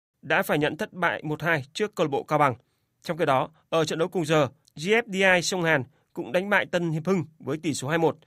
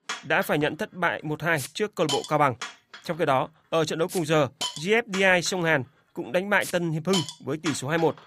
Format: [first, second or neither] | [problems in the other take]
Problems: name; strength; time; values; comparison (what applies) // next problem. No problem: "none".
first | hiss; loud; throughout; 10 dB below the speech